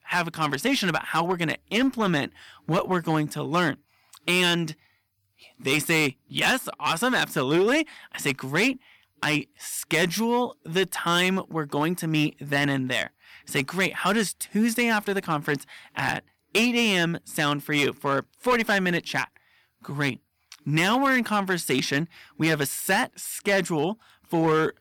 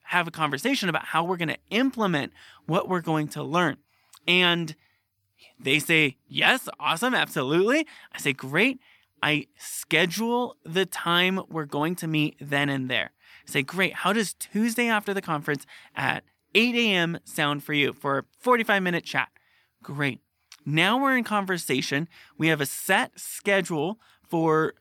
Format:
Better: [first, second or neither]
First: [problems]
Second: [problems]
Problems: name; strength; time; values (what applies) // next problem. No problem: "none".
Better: second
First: distortion; slight; 5% of the sound clipped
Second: none